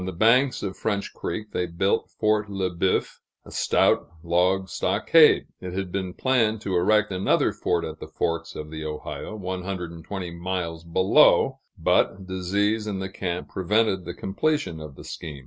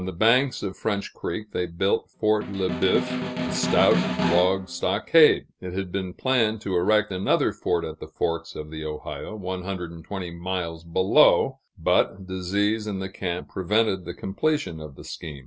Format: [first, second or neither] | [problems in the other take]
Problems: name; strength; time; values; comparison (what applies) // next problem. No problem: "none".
first | background sound (Snare drum); 4 dB below the speech